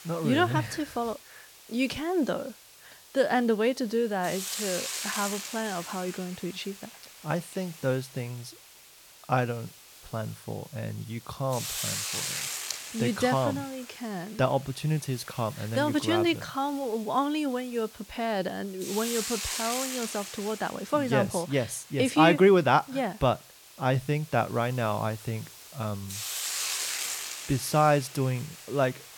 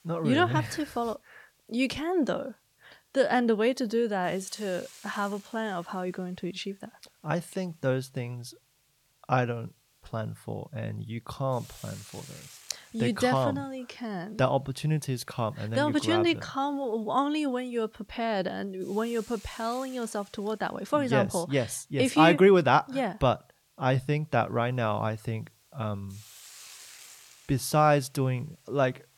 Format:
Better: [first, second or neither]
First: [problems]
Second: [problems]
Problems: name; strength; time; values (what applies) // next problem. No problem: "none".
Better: second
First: hiss; loud; throughout; 7 dB below the speech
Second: hiss; faint; throughout; 25 dB below the speech